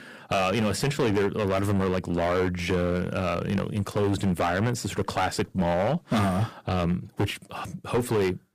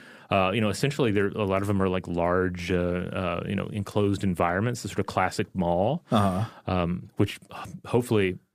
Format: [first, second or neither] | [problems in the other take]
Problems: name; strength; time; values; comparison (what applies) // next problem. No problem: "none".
second | distortion; heavy; 11% of the sound clipped